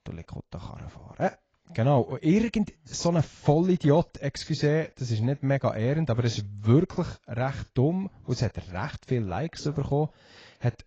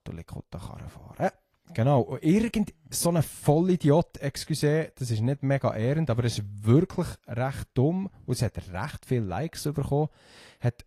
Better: second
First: garbled, watery; badly; nothing above 7.5 kHz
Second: garbled, watery; slightly

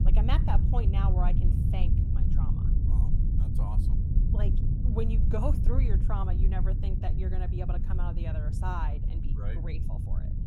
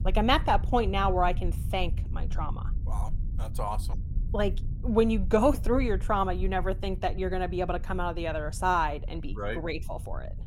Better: second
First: low rumble; loud; throughout; 4 dB below the speech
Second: low rumble; faint; throughout; 25 dB below the speech

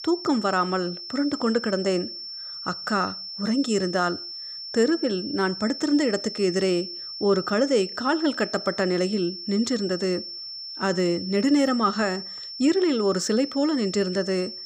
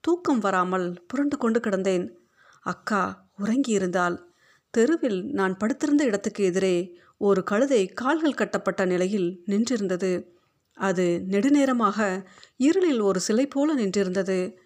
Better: second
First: high-pitched whine; loud; throughout; 5.5 kHz, 9 dB below the speech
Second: none

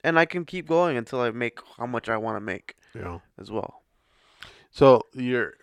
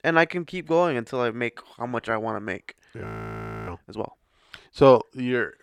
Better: first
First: none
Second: audio freezing; at 3 s for 0.5 s

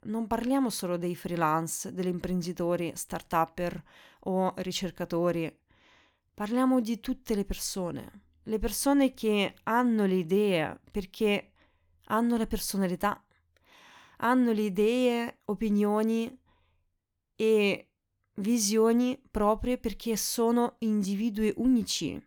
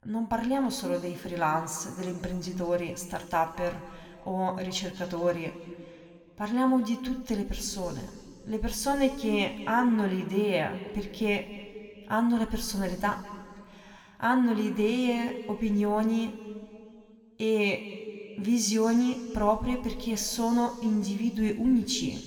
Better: first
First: none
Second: room echo; slight; dies away in 2.1 s

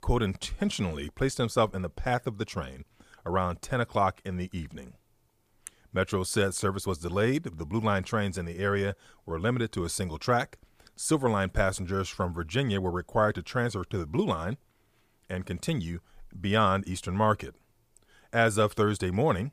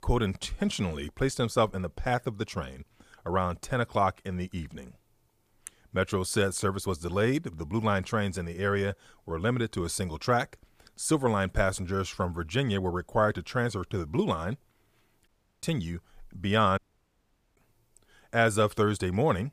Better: first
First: none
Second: audio cutting out; at 15 s and at 17 s for 1 s

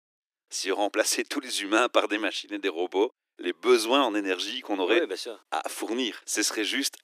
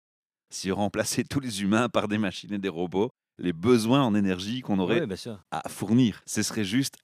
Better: second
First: thin; somewhat; fading below 300 Hz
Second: none

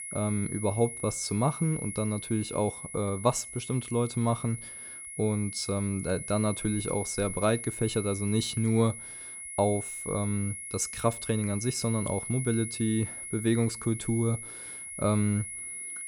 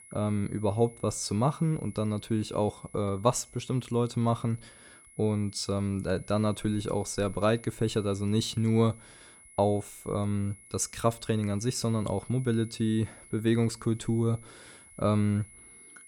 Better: second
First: high-pitched whine; loud; throughout; 10.5 kHz, 7 dB below the speech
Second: high-pitched whine; faint; throughout; 10.5 kHz, 20 dB below the speech

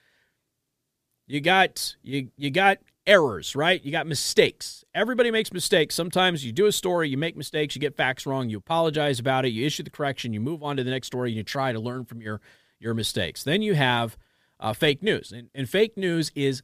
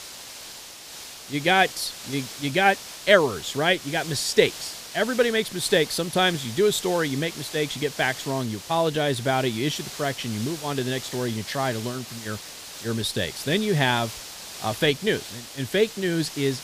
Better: first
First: none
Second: hiss; noticeable; throughout; 10 dB below the speech

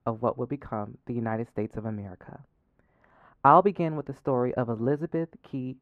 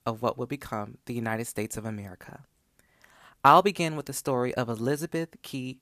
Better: second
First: muffled; very; fading above 3.5 kHz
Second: none

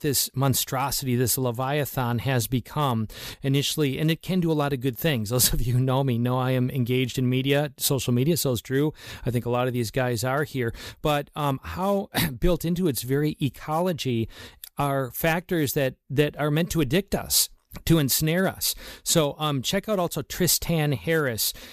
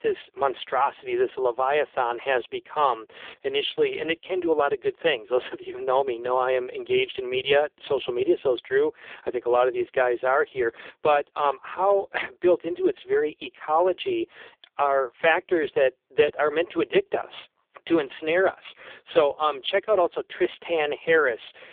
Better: first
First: none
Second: phone-call audio; poor line; nothing above 3.5 kHz

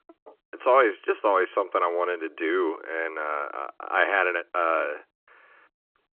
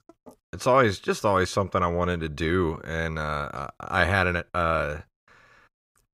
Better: second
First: phone-call audio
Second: none

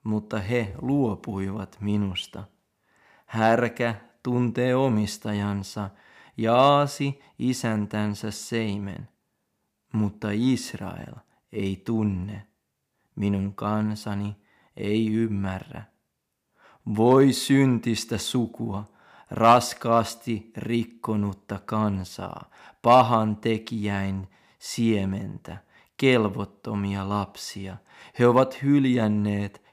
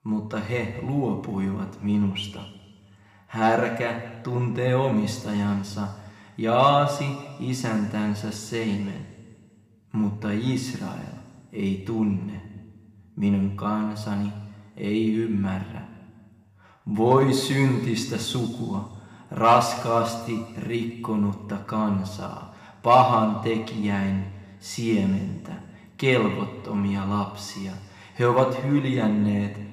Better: first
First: none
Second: room echo; slight; dies away in 1.6 s // off-mic speech; somewhat distant

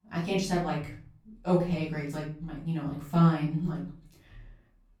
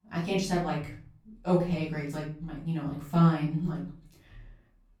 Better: neither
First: off-mic speech; far // room echo; noticeable; dies away in 0.4 s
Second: off-mic speech; far // room echo; noticeable; dies away in 0.4 s

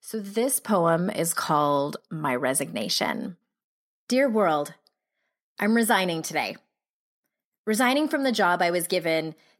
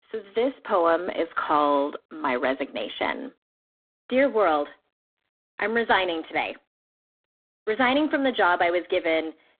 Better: first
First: none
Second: phone-call audio; poor line

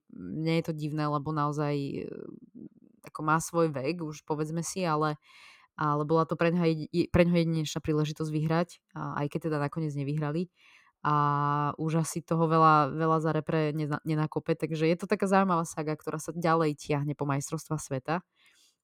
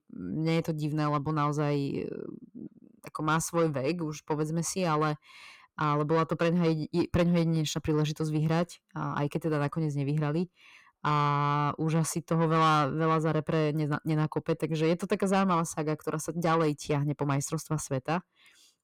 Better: first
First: none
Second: distortion; slight; 10 dB below the speech

